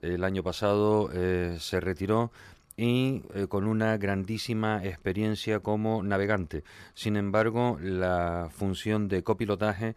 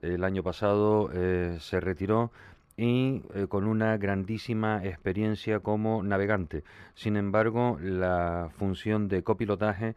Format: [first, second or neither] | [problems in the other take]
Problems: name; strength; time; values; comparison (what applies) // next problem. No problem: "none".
first | muffled; slightly; fading above 3.5 kHz